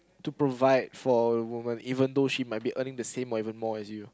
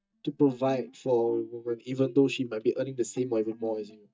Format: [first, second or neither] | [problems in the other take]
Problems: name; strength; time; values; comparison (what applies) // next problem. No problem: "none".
first | noise reduction (neural mask model DeepFilterNet 3)